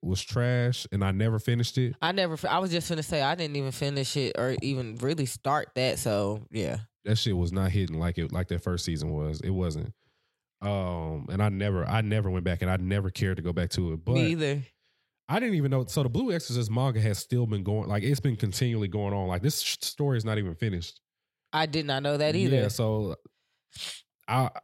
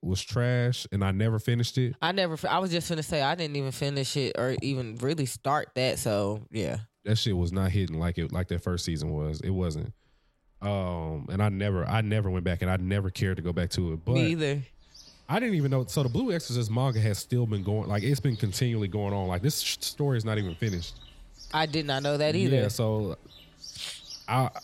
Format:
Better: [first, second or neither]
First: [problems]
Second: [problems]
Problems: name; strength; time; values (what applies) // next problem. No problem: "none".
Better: first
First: none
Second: animal sounds; faint; throughout; 20 dB below the speech